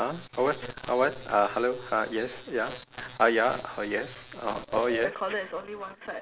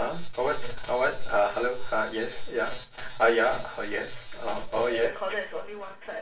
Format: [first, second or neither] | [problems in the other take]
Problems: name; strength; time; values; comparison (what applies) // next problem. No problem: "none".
first | room echo; dies away in 0.2 s